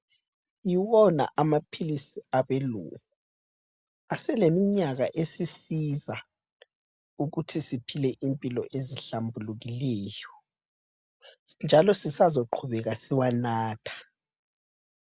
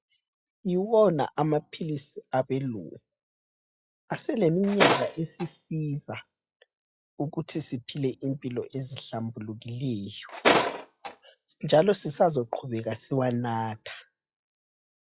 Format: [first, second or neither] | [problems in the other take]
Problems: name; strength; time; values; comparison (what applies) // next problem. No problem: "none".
first | noise reduction (classical method log-MMSE)